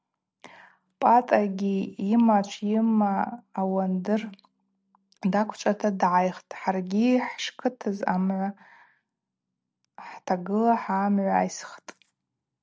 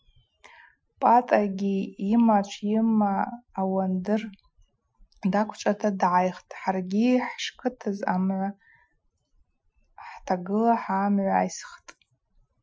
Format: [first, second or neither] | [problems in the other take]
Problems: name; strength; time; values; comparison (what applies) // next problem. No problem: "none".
first | noise reduction (classical method Wiener filter)